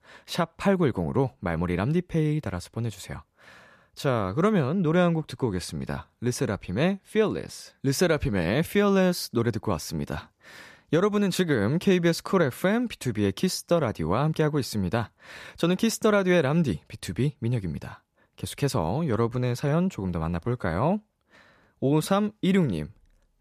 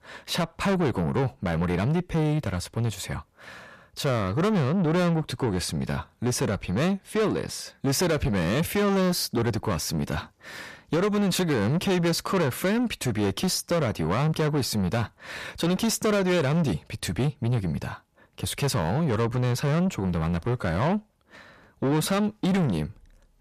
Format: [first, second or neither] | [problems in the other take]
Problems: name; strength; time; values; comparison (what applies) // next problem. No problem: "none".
first | distortion; heavy; 8 dB below the speech